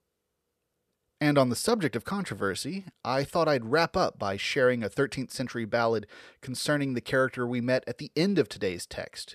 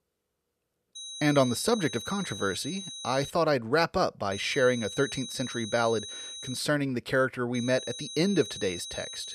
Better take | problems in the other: first | high-pitched whine; loud; from 1 to 3.5 s, from 4.5 to 6.5 s and from 7.5 s on; 4 kHz, 10 dB below the speech

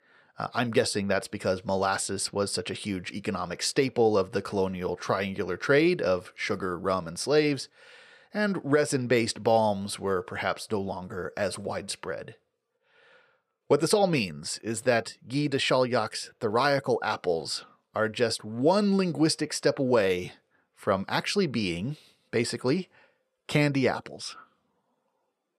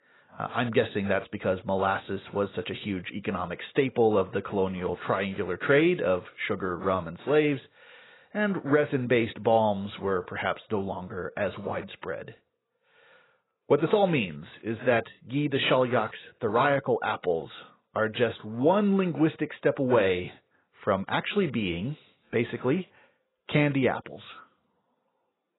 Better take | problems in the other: first | garbled, watery; badly; nothing above 4 kHz

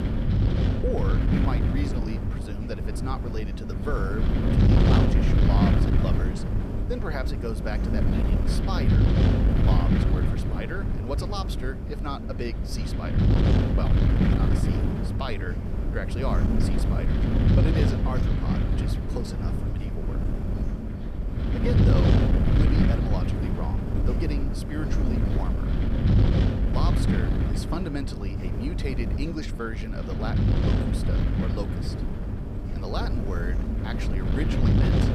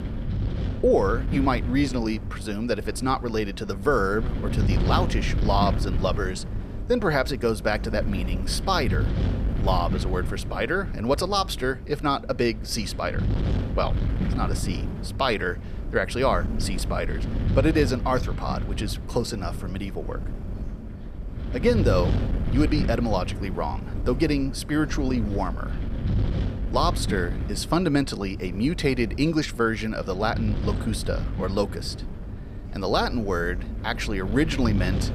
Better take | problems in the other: second | wind noise on the microphone; heavy; 2 dB above the speech; occasional gusts in the second

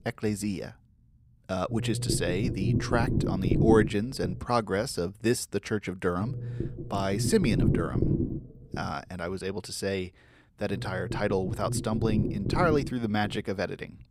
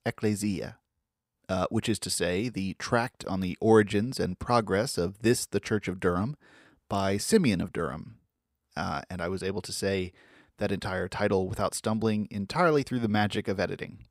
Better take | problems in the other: second | low rumble; loud; throughout; 7 dB below the speech

